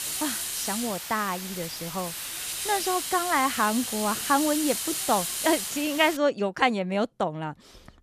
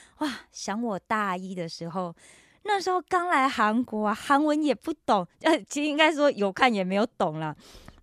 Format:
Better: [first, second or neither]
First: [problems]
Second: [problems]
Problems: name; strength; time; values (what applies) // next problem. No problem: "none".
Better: second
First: hiss; loud; until 6 s; 3 dB below the speech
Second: none